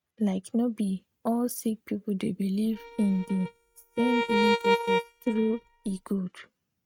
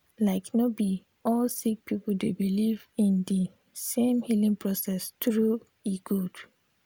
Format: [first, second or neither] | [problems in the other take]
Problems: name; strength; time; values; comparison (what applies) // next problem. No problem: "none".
second | noise reduction (neural mask model RNNoise)